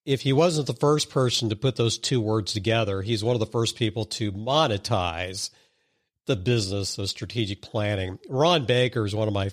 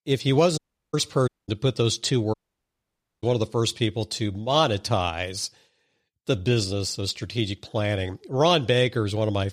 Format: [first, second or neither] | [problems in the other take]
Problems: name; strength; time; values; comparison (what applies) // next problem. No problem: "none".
first | audio cutting out; at 0.5 s, at 1.5 s and at 2.5 s for 1 s